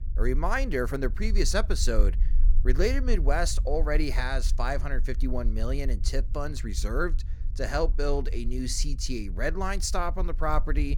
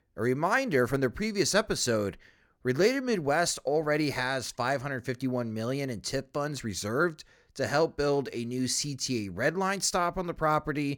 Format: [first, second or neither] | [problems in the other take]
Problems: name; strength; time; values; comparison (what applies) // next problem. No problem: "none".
second | low rumble; faint; throughout; 20 dB below the speech